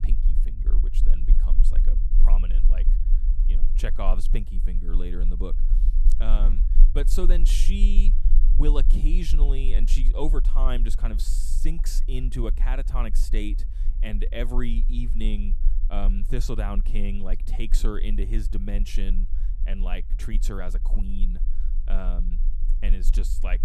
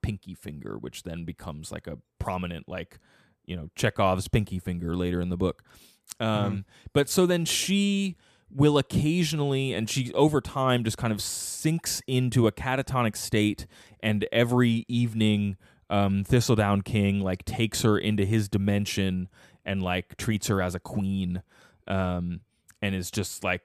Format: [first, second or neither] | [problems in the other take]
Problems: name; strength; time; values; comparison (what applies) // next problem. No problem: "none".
second | low rumble; noticeable; throughout; 15 dB below the speech